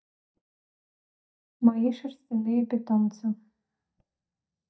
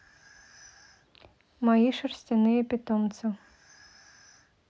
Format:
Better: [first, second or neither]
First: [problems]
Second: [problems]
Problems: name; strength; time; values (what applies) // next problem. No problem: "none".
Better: second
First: noise reduction (neural mask model DeepFilterNet 3)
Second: none